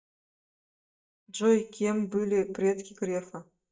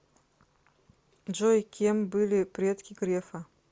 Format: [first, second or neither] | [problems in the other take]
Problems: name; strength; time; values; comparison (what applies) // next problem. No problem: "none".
second | noise reduction (neural mask model DeepFilterNet 3)